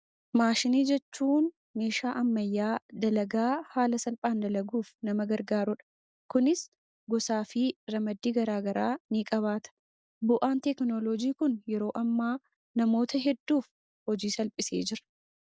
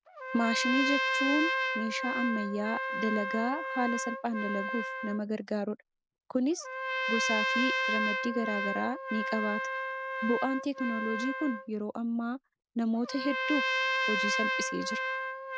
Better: first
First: none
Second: background sound (Trumpet); as loud as the speech

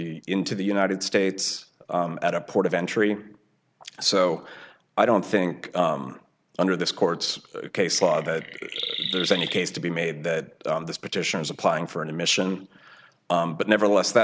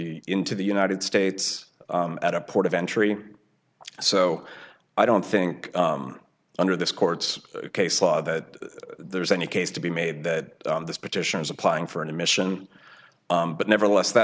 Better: second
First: background sound (Chirp, tweet); 8 dB below the speech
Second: none

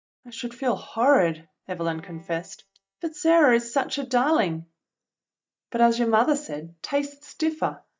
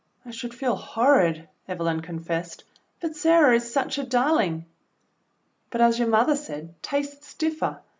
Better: second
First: noise reduction (neural mask model DeepFilterNet 3)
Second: none

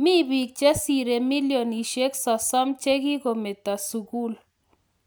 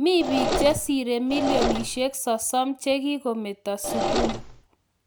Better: first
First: none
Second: background sound (Engine / Mechanisms); 2 dB below the speech

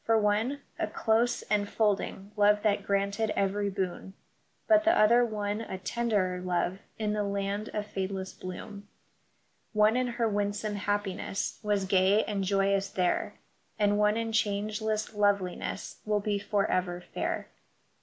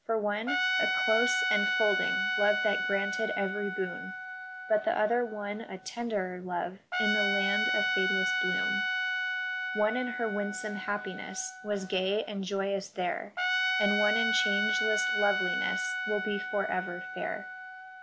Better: first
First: none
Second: background sound (Trumpet); as loud as the speech

